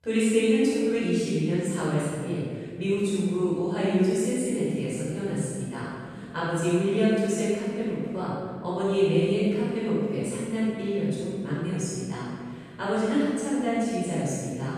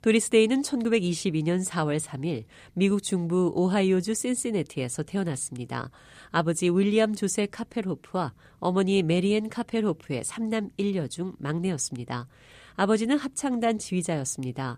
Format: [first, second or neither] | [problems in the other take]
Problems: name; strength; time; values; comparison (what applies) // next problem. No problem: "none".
second | room echo; strong; dies away in 1.9 s // off-mic speech; far